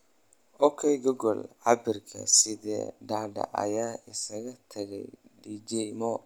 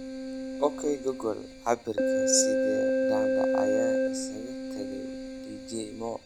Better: first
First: none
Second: background sound (Keyboard (musical)); 4 dB above the speech

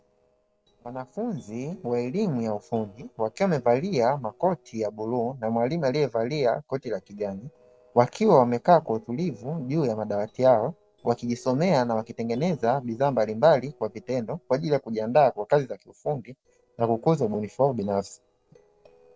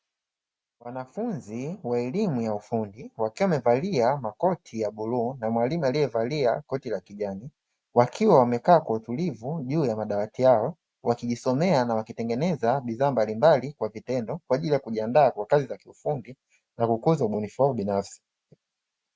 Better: second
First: noise reduction (neural separator model SepFormer DNS4)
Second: none

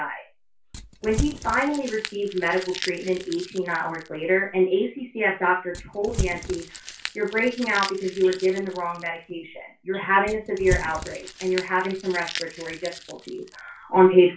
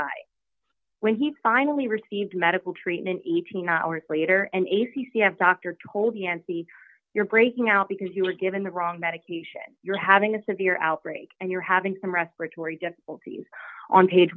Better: second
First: background sound (Crumpling, crinkling / Crushing); 10 dB below the speech // room echo; dies away in 0.3 s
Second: none

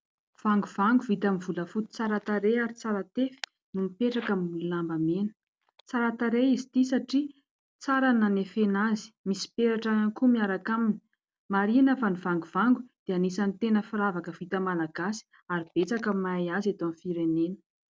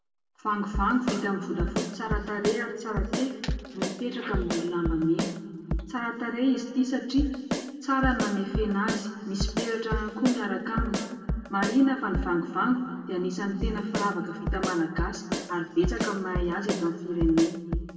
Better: first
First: none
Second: background sound (Drum kit); 4 dB below the speech // room echo; dies away in 2.3 s

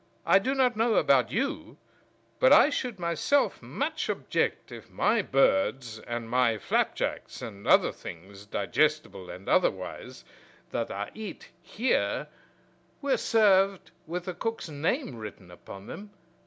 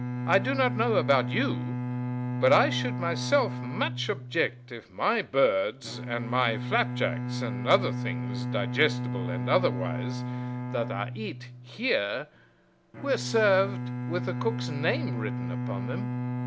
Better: first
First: none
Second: background sound (Bowed string instrument); 4 dB below the speech

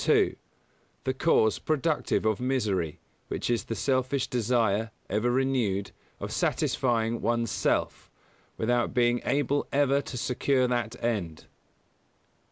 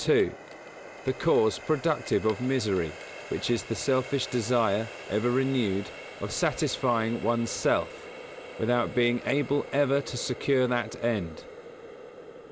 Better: first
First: none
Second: background sound (Water tap, faucet); 14 dB below the speech

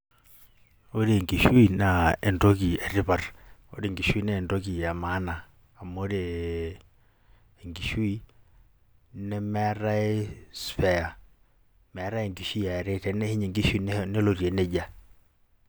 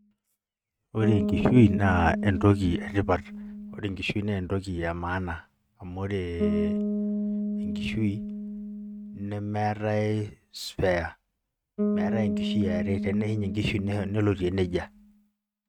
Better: first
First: none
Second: noise reduction (neural mask model RNNoise)

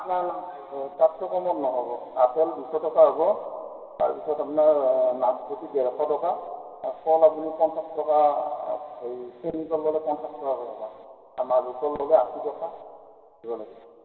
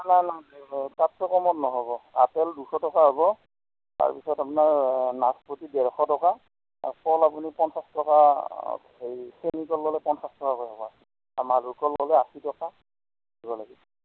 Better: second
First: room echo; dies away in 2.3 s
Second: none

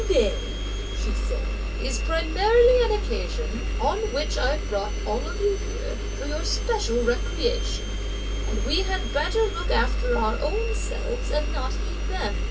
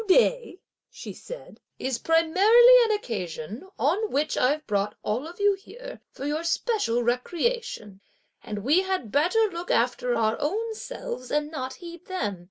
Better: second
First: background sound (Engine); 1 dB above the speech // room echo; dies away in 0.1 s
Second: none

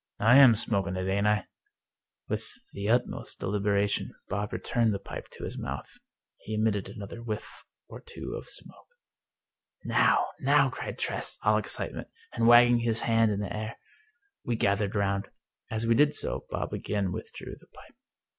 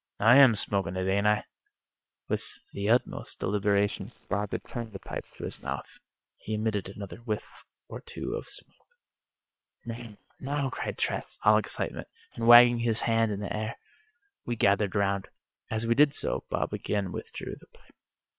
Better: first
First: none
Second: noise reduction (neural separator model SepFormer WHAM!)

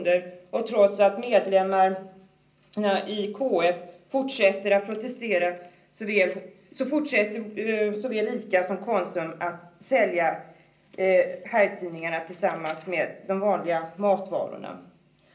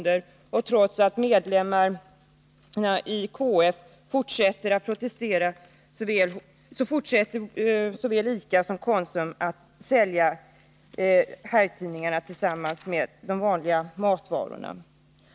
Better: second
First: room echo; dies away in 0.5 s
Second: none

